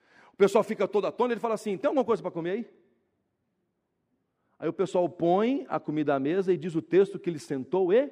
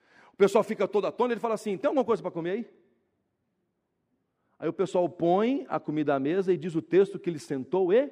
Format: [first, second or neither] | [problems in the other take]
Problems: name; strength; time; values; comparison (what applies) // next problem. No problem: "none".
neither | muffled; very; fading above 3 kHz; the same in both